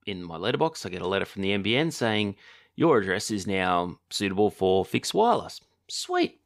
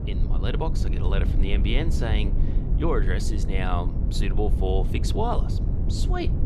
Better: first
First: none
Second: low rumble; loud; throughout; 8 dB below the speech

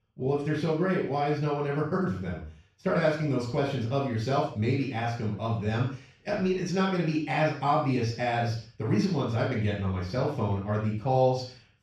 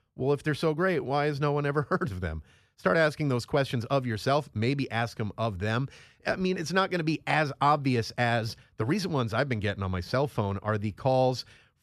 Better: second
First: room echo; noticeable; dies away in 0.4 s // off-mic speech; far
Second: none

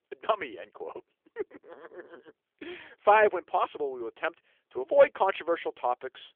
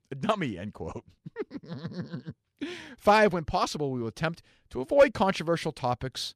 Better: second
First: phone-call audio; nothing above 3.5 kHz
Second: none

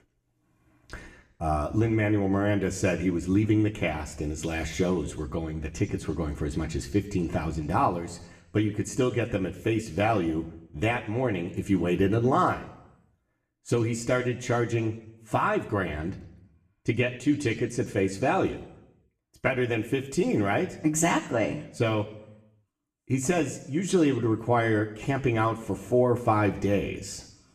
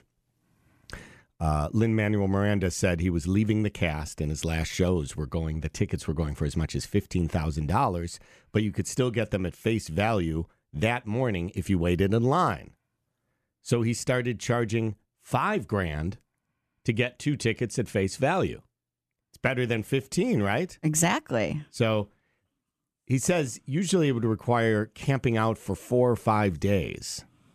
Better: second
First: room echo; very slight; dies away in 0.7 s // off-mic speech; somewhat distant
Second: none

